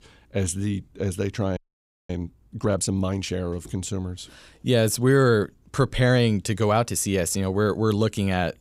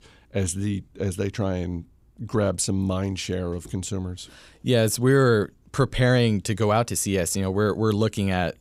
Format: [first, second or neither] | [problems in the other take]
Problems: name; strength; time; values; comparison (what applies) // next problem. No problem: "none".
second | audio freezing; at 1.5 s for 0.5 s